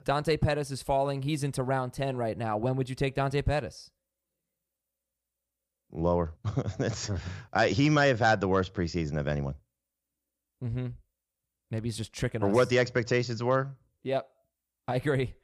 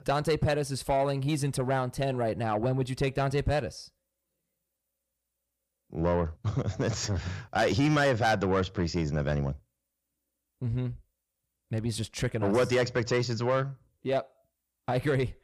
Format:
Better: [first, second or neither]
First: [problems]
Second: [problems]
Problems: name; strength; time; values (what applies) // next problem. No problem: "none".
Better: first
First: none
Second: distortion; slight; 10 dB below the speech